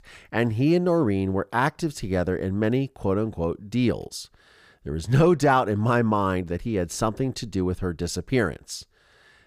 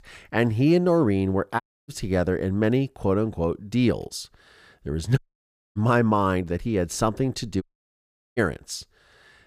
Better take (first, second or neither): first